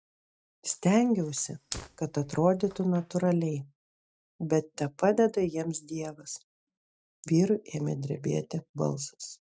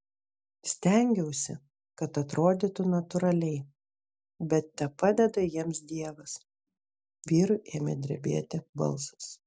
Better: second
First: noise reduction (neural mask model RNNoise)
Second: none

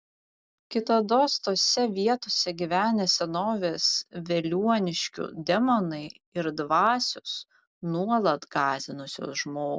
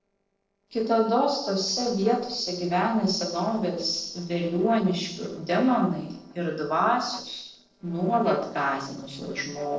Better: first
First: none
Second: noise reduction (neural separator model SepFormer DNS4)

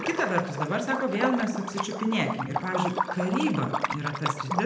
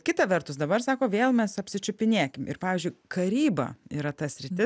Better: second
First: background sound (Liquid); 3 dB below the speech // room echo; dies away in 0.8 s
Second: none

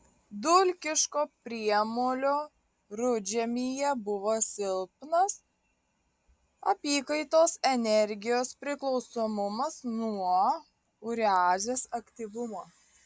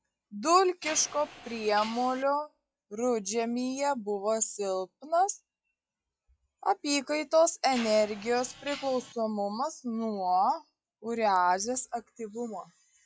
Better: first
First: none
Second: noise reduction (classical method log-MMSE)

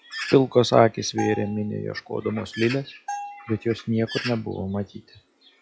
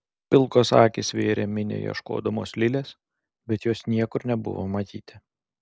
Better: second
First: noise reduction (classical method log-MMSE)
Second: none

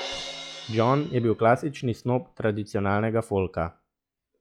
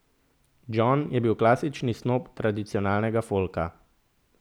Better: second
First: noise reduction (classical method log-MMSE)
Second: none

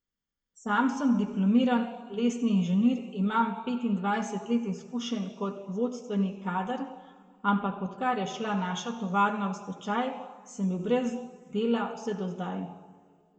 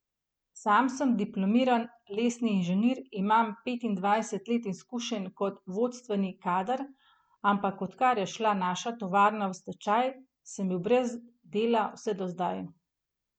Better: second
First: room echo; dies away in 1.7 s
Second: none

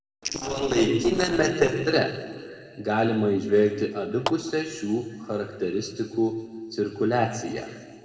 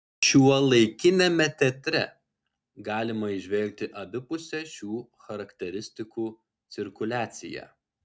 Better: second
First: noise reduction (neural separator model SepFormer DNS4)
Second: none

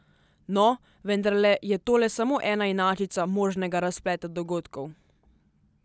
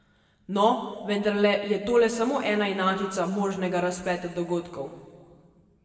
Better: first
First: none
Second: room echo; dies away in 1.4 s

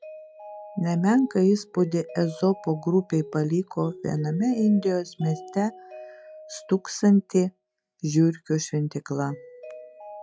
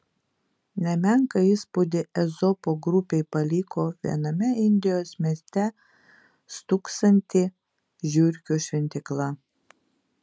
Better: second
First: noise reduction (classical method log-MMSE)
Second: none

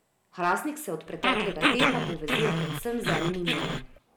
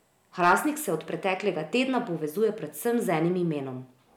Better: second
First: background sound (Growling); 4 dB above the speech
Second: none

